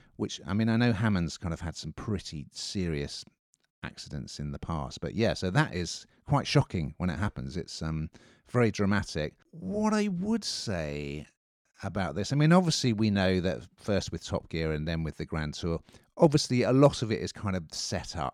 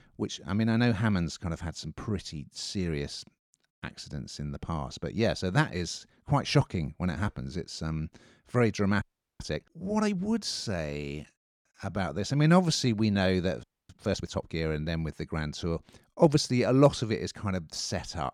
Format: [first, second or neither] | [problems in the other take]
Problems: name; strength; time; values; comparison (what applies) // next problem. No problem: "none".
first | audio freezing; at 9 s and at 14 s